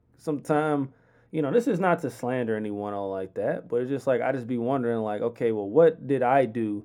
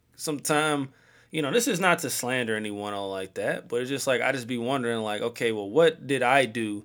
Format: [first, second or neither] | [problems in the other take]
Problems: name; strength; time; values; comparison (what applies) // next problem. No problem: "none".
second | muffled; very; fading above 1.5 kHz